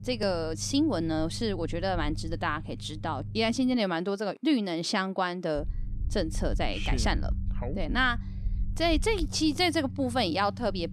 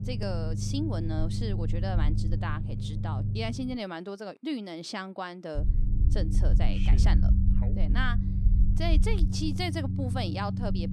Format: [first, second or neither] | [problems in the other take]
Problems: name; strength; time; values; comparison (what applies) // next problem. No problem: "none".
first | low rumble; loud; until 4 s and from 5.5 s on; 7 dB below the speech; faint in the first